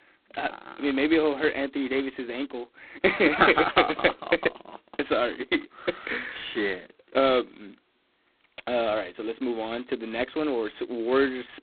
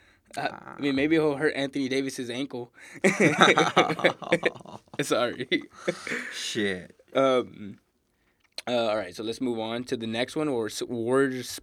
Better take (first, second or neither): second